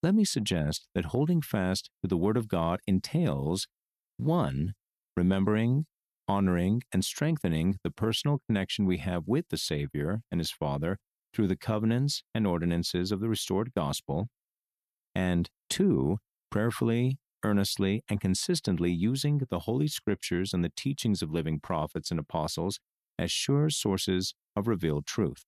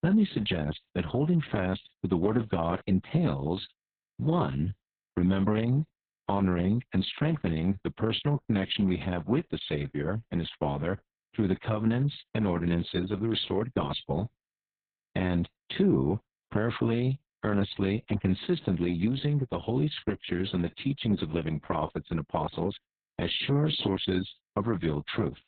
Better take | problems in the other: first | garbled, watery; badly; nothing above 4 kHz

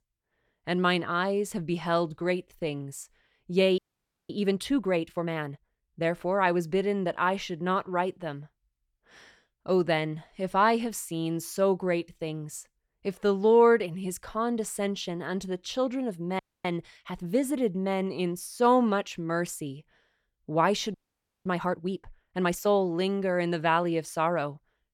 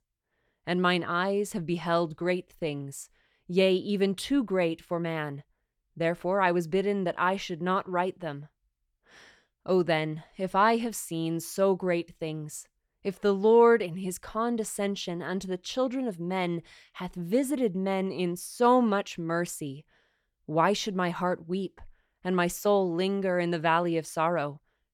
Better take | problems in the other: second | audio freezing; at 4 s for 0.5 s, at 16 s and at 21 s for 0.5 s

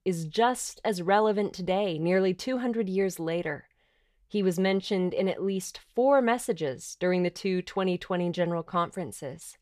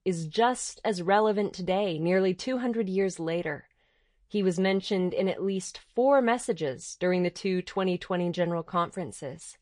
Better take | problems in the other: first | garbled, watery; slightly

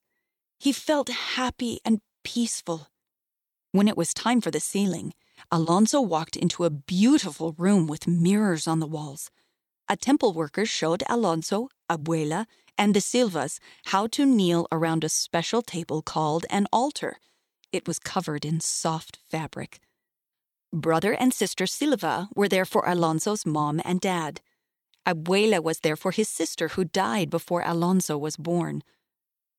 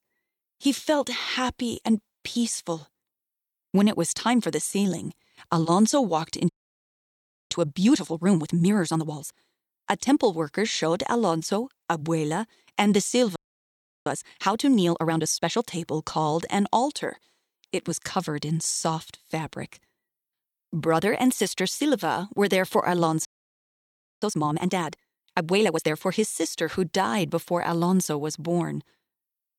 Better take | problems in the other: first | audio freezing; at 6.5 s for 1 s, at 13 s for 0.5 s and at 23 s for 1 s

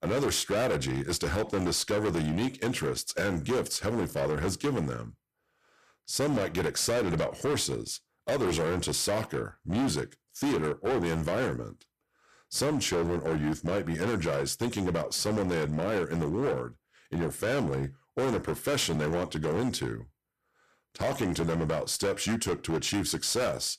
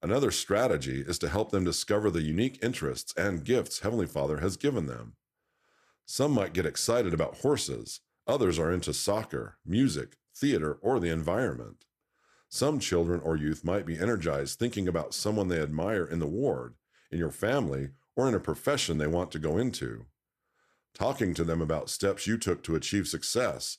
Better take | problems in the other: second | distortion; heavy; 18% of the sound clipped

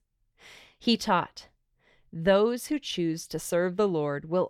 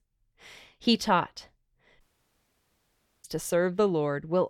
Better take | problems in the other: first | audio cutting out; at 2 s for 1 s

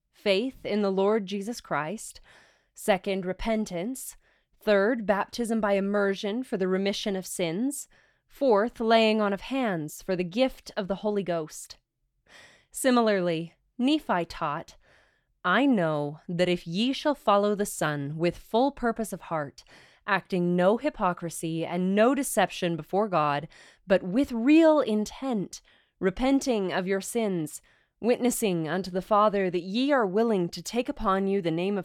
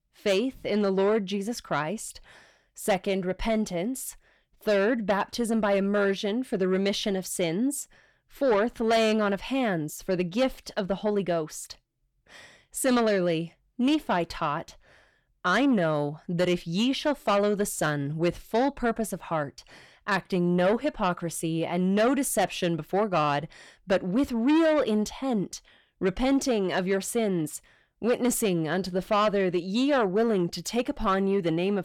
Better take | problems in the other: first | distortion; slight; 10 dB below the speech

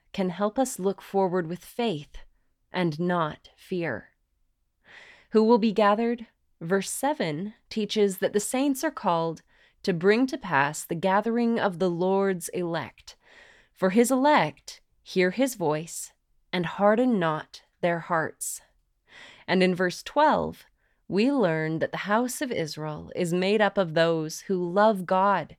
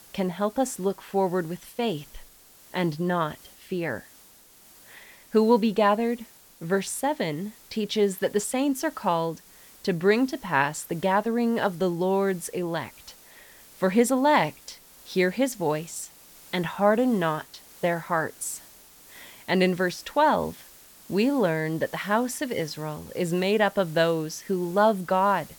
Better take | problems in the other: first | hiss; faint; throughout; 25 dB below the speech

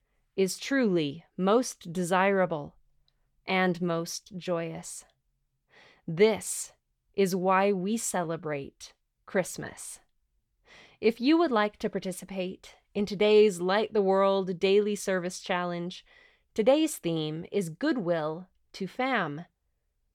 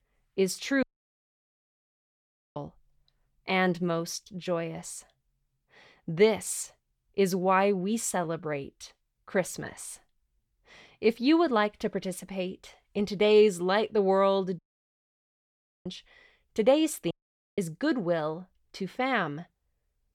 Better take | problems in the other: first | audio cutting out; at 1 s for 1.5 s, at 15 s for 1.5 s and at 17 s

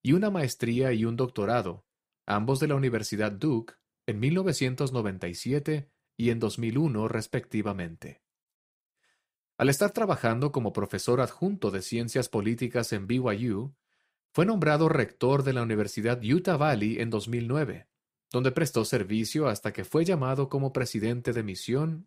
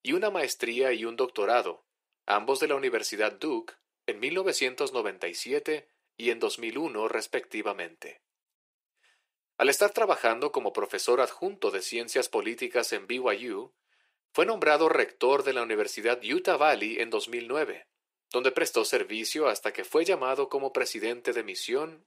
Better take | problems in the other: first | thin; very; fading below 400 Hz

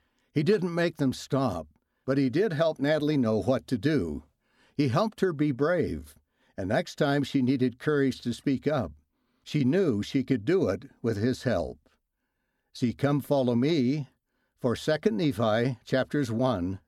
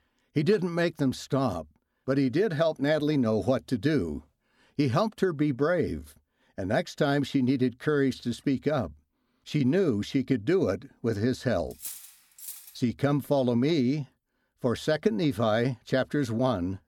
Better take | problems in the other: first | clattering dishes; faint; from 12 to 13 s; peak 10 dB below the speech

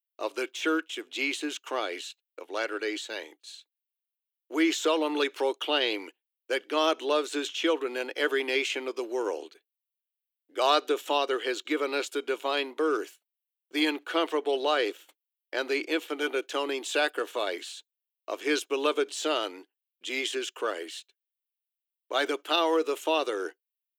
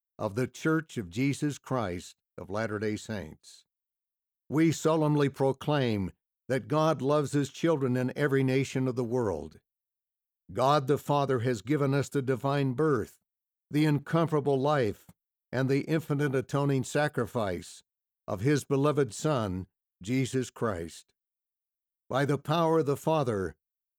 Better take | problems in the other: second | thin; somewhat; fading below 300 Hz

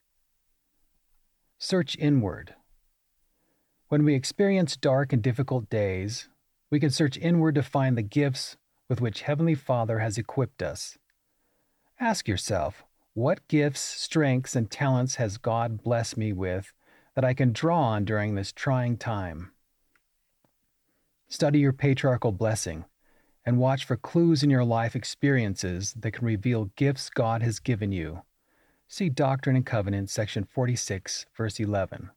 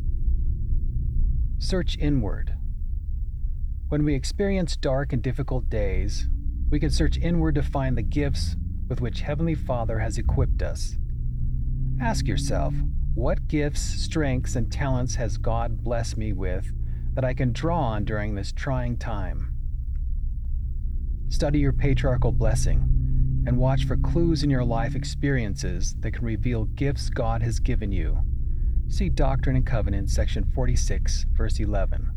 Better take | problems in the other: first | low rumble; noticeable; throughout; 15 dB below the speech

